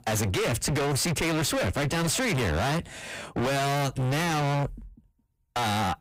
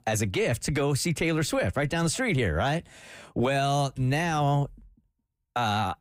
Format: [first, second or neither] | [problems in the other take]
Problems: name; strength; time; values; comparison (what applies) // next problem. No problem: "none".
second | distortion; heavy; 47% of the sound clipped